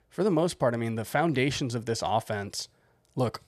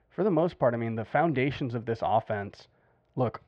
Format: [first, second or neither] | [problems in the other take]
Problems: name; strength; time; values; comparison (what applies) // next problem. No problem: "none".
first | muffled; very; fading above 2.5 kHz